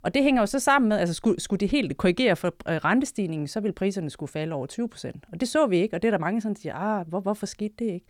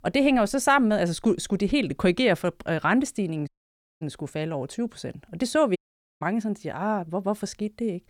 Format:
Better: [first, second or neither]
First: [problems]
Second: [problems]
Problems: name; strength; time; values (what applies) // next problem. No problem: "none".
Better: first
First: none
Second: audio cutting out; at 3.5 s for 0.5 s and at 6 s